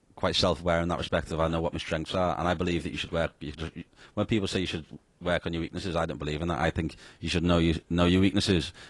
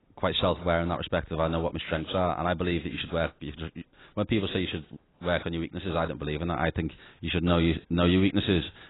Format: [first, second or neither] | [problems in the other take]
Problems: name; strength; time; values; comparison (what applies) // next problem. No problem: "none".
first | garbled, watery; badly; nothing above 4 kHz; slightly in the first